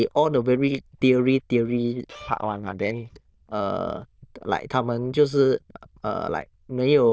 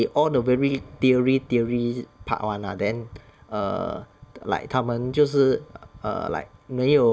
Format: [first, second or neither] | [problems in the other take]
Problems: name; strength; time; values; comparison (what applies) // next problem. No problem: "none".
second | noise reduction (neural diffusion model UNIVERSE++)